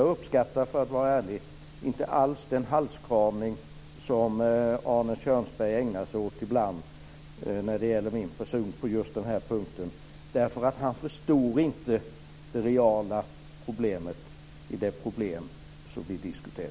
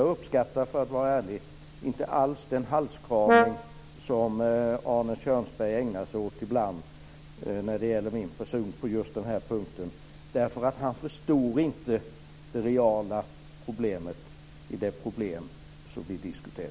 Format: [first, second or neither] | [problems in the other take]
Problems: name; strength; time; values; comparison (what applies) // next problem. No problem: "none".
first | background sound (Brass instrument); 3 dB above the speech